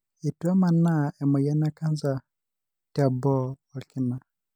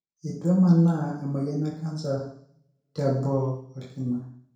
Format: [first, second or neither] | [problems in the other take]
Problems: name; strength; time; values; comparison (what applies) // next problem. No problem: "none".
first | room echo; dies away in 0.7 s